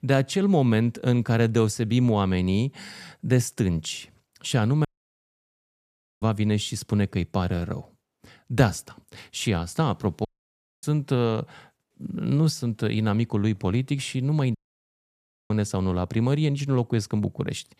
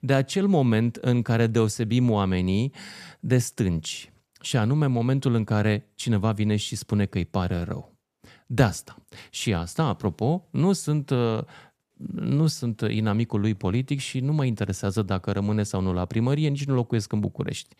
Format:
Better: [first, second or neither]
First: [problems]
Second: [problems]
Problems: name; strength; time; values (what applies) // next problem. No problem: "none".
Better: second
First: audio cutting out; at 5 s for 1.5 s, at 10 s for 0.5 s and at 15 s for 1 s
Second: none